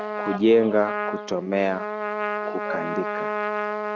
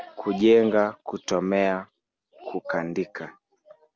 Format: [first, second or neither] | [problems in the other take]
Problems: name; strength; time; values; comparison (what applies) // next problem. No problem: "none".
second | noise reduction (neural mask model RNNoise)